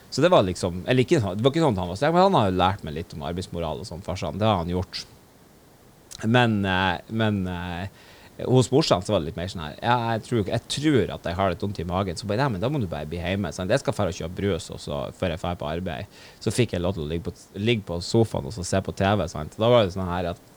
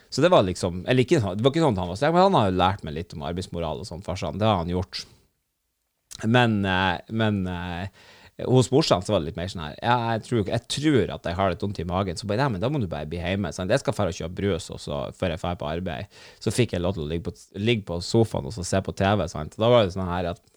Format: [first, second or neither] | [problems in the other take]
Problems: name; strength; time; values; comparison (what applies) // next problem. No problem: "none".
second | hiss; faint; throughout; 25 dB below the speech